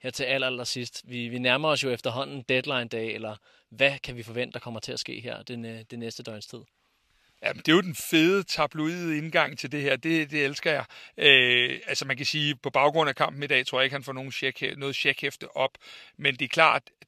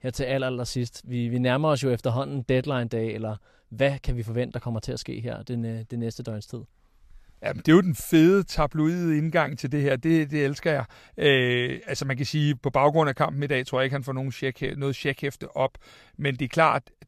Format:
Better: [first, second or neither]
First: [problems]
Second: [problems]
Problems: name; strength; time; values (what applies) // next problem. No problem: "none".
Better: second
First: thin; very slightly; fading below 400 Hz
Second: none